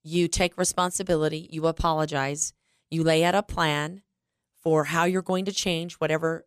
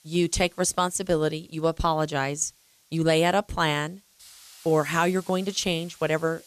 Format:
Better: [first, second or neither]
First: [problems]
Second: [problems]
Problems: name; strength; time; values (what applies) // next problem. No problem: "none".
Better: first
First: none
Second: hiss; faint; throughout; 25 dB below the speech